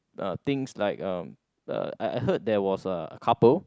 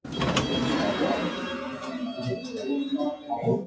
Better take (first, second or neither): first